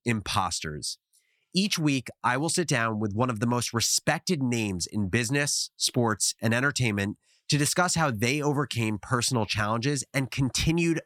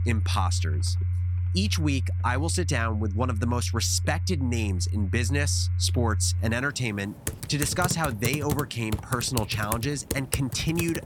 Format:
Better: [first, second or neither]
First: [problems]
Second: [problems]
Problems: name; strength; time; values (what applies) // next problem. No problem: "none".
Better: first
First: none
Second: household noises; loud; throughout; 1 dB below the speech